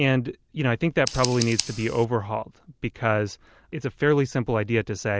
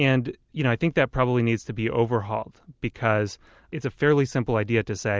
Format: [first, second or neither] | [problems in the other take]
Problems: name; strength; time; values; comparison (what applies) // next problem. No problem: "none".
second | background sound (Scissors); 14 dB below the speech